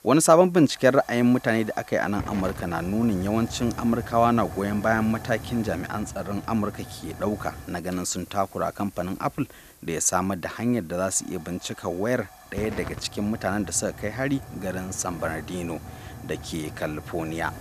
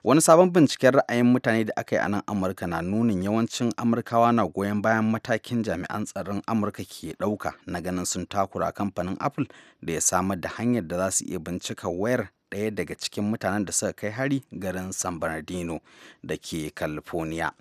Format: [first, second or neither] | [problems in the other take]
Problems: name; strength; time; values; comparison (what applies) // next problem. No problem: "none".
second | hiss; noticeable; throughout; 15 dB below the speech